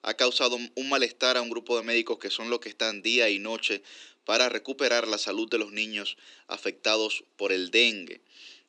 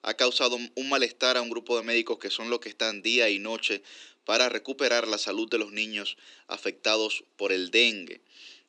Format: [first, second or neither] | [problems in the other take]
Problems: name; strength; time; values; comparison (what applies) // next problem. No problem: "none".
neither | thin; very; fading below 300 Hz; the same in both